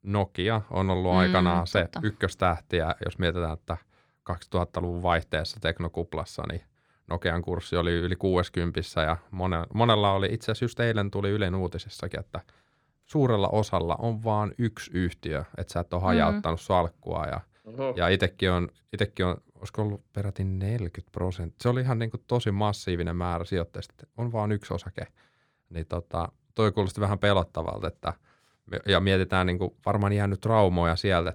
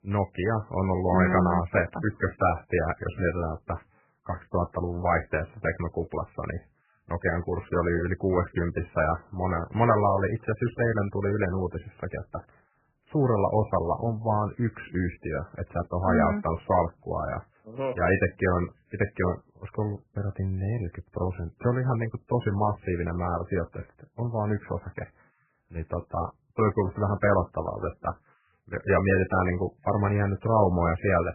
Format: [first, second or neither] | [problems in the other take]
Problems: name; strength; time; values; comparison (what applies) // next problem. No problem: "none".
first | garbled, watery; badly; nothing above 2.5 kHz